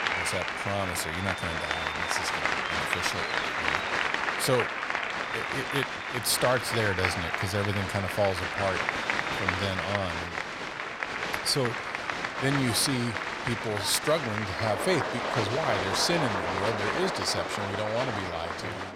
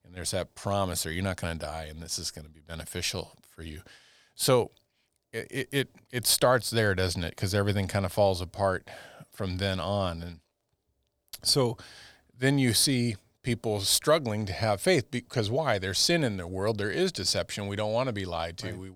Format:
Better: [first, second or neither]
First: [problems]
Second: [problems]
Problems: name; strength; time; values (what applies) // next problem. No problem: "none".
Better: second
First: crowd noise; very loud; throughout; as loud as the speech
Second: none